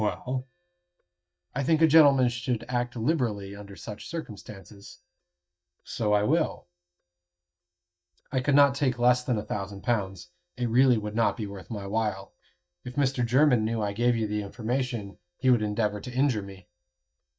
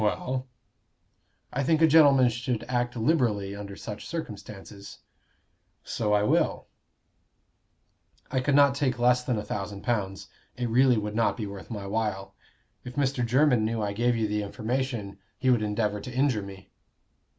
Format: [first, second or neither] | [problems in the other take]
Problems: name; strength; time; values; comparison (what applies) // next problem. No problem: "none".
second | noise reduction (neural mask model DeepFilterNet 3)